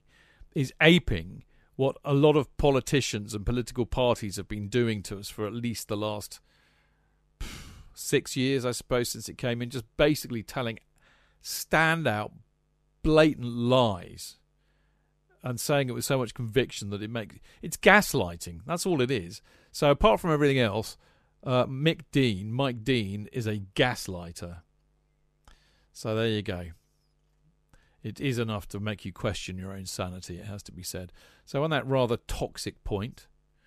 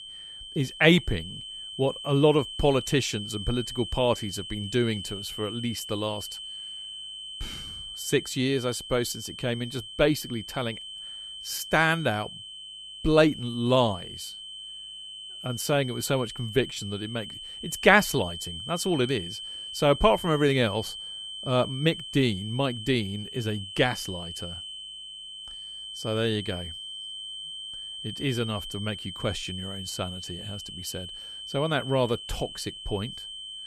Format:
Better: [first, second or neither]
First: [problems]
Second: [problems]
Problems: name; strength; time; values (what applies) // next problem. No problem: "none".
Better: first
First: none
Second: high-pitched whine; loud; throughout; 3 kHz, 10 dB below the speech